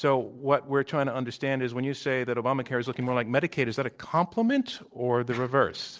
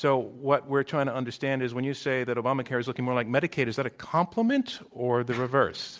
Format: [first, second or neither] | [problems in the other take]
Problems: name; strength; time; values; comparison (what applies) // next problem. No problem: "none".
second | noise reduction (neural separator model SepFormer DNS4)